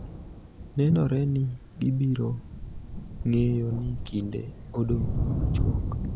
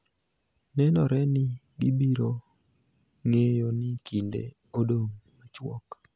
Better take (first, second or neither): second